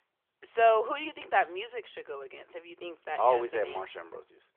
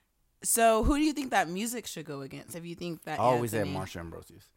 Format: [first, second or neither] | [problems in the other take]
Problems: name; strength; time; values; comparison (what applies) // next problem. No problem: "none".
second | phone-call audio